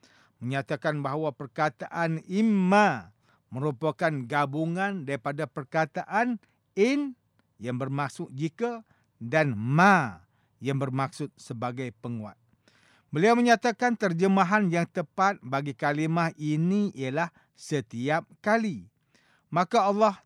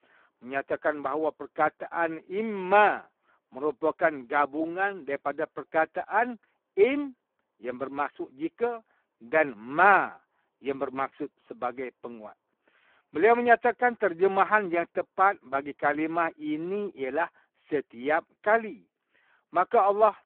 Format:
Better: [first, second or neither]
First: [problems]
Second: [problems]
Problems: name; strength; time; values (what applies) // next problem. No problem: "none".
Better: first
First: none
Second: phone-call audio; poor line